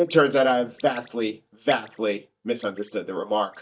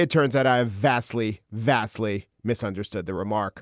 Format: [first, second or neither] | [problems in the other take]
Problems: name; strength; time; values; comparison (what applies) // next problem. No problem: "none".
second | noise reduction (neural mask model DeepFilterNet 3)